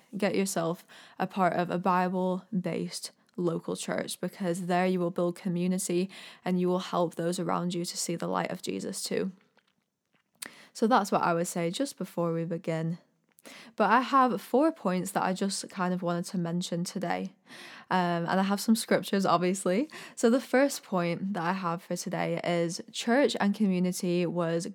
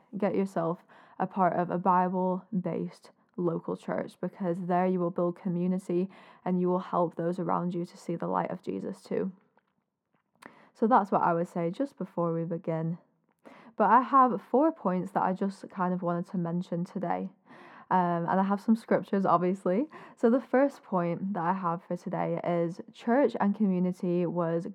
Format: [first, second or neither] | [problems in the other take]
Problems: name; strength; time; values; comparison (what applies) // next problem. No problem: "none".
first | muffled; very; fading above 2.5 kHz